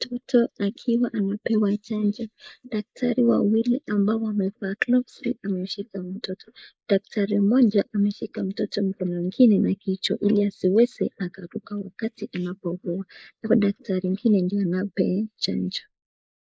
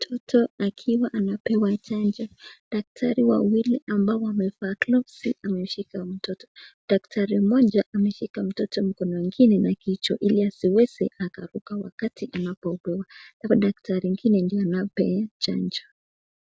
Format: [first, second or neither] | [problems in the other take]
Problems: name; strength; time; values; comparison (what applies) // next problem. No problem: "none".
second | noise reduction (neural mask model Resemble Enhance denoiser)